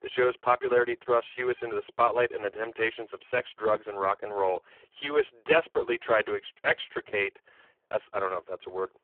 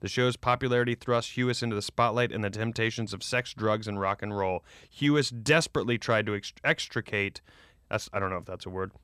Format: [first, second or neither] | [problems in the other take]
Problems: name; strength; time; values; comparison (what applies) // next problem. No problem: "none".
second | phone-call audio; poor line